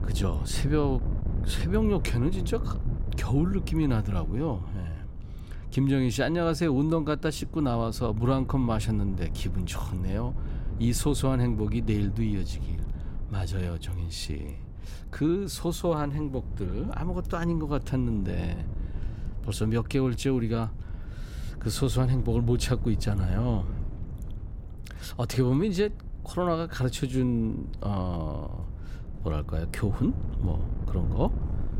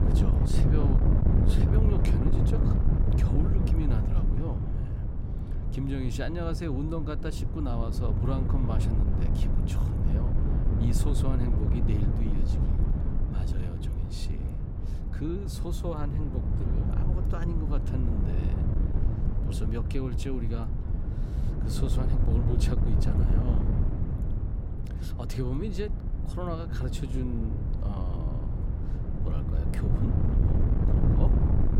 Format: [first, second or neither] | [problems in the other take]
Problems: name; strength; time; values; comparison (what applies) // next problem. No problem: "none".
first | wind noise on the microphone; heavy; as loud as the speech; occasional gusts in the first